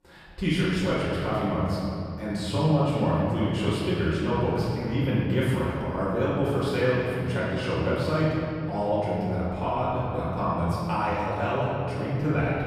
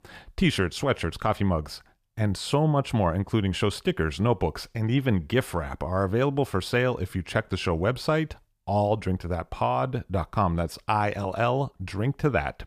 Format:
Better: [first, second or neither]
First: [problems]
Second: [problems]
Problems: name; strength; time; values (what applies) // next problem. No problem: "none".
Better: second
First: room echo; strong; dies away in 2.7 s // off-mic speech; far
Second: none